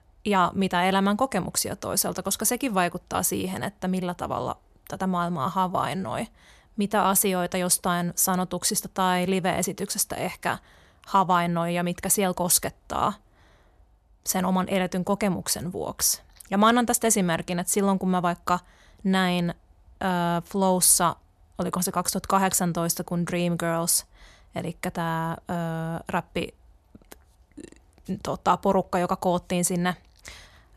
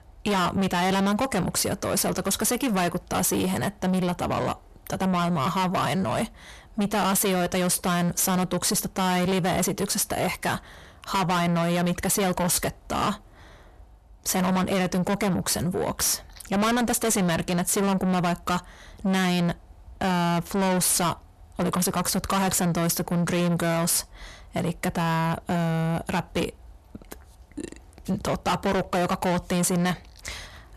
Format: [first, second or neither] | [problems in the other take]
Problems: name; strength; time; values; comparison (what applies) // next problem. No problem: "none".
first | distortion; heavy; 6 dB below the speech